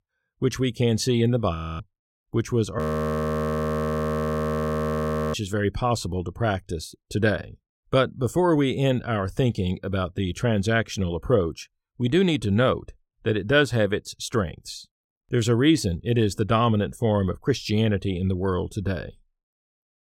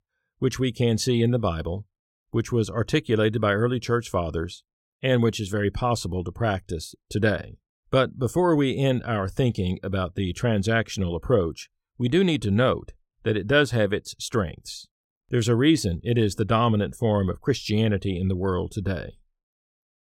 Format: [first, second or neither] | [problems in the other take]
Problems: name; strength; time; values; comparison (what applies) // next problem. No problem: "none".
second | audio freezing; at 1.5 s and at 3 s for 2.5 s